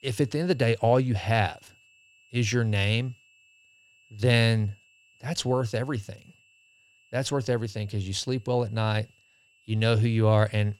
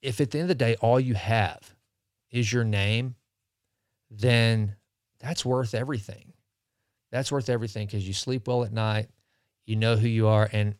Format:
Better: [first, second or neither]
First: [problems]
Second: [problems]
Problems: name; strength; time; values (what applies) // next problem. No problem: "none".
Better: second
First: high-pitched whine; faint; throughout; 2.5 kHz, 30 dB below the speech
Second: none